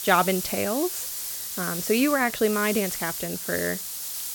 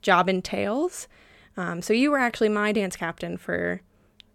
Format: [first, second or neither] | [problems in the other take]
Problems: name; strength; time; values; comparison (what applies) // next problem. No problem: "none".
second | hiss; loud; throughout; 4 dB below the speech